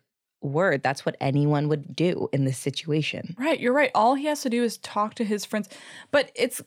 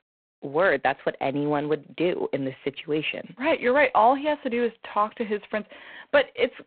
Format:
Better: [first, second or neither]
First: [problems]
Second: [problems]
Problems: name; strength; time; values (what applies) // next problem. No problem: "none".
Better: first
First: none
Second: phone-call audio; poor line